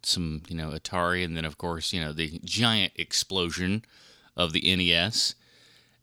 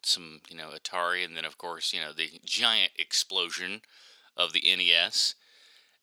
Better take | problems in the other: first | thin; very; fading below 550 Hz

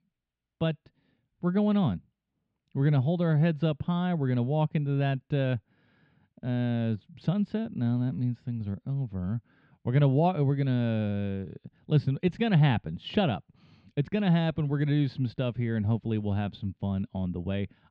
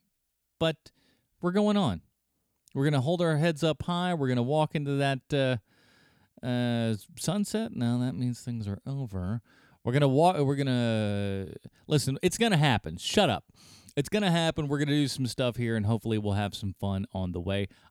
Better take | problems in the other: second | muffled; slightly; fading above 3.5 kHz

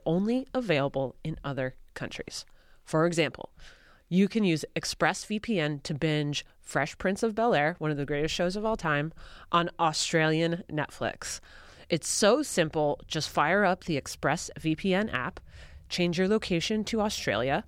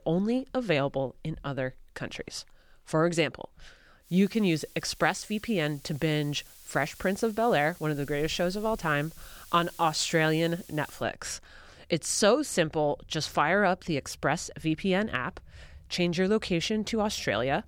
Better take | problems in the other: first | hiss; faint; from 4 to 11 s; 20 dB below the speech

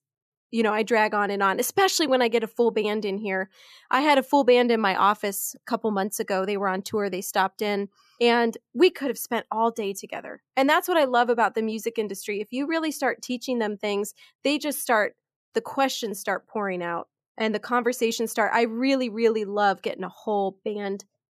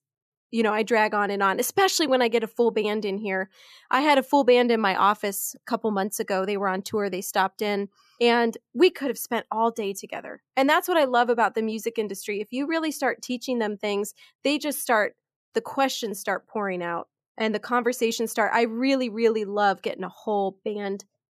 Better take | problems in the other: neither | none

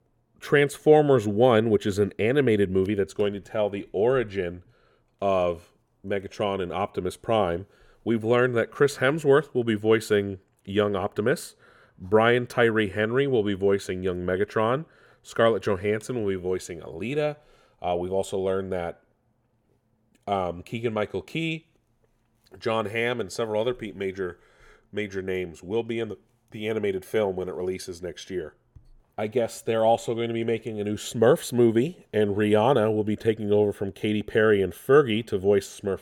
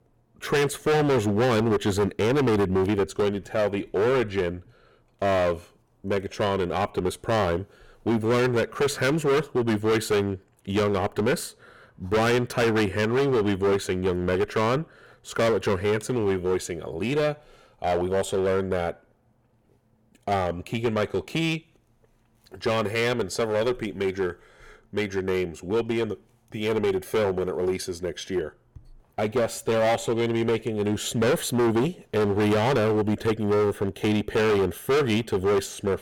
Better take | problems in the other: first | distortion; heavy; 14% of the sound clipped

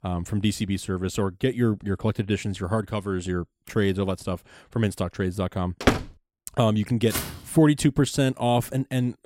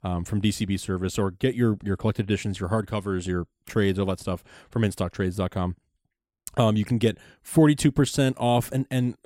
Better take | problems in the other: second | door banging; loud; at 6 s; peak 2 dB above the speech // footsteps; noticeable; at 7 s; peak 5 dB below the speech

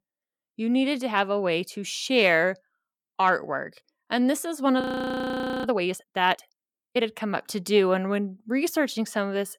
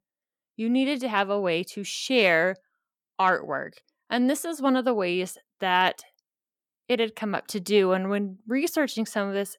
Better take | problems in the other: second | audio freezing; at 5 s for 1 s

